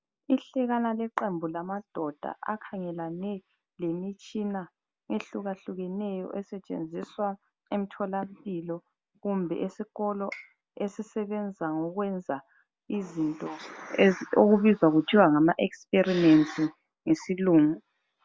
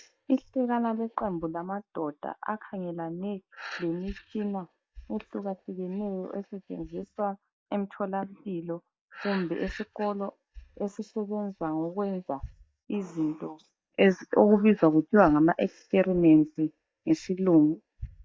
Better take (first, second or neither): first